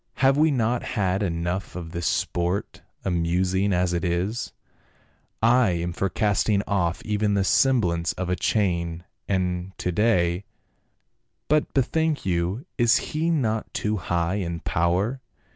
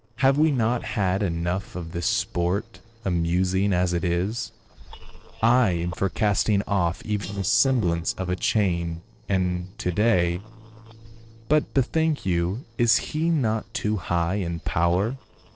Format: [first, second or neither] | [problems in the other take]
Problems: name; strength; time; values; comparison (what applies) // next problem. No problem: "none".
first | noise reduction (neural separator model SepFormer DNS4)